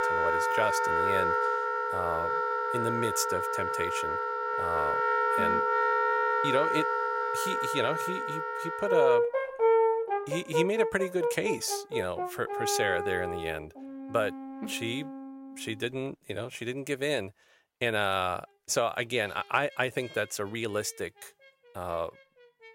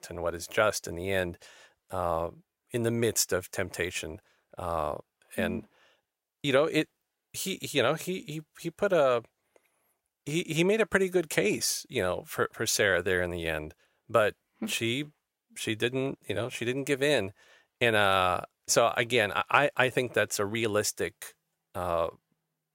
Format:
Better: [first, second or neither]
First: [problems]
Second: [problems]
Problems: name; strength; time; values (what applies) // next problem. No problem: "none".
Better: second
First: background music; very loud; throughout; 4 dB above the speech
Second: none